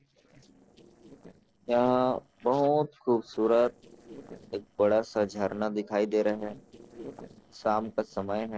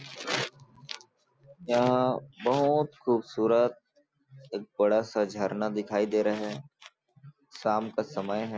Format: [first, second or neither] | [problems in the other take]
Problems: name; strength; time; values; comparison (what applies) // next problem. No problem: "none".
second | noise reduction (neural separator model SepFormer DNS4)